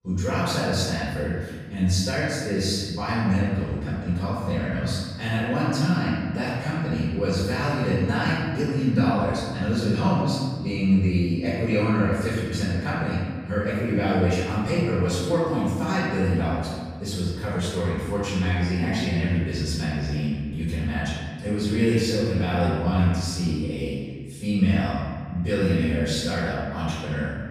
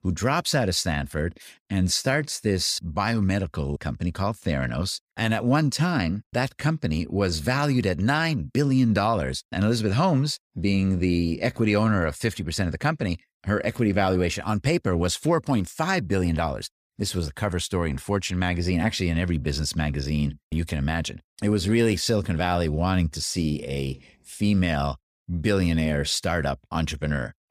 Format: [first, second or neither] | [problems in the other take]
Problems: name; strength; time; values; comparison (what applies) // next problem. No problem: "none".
second | off-mic speech; far // room echo; strong; dies away in 1.5 s